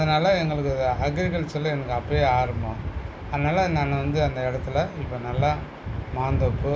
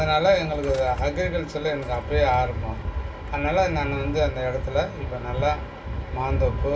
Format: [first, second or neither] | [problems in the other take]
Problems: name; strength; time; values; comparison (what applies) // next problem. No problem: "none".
first | background sound (Slam / Engine starting); 16 dB below the speech // room echo; dies away in 0.1 s